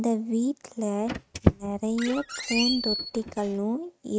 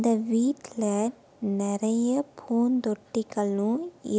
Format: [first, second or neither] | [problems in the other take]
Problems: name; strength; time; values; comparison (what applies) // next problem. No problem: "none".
second | noise reduction (neural mask model RNNoise)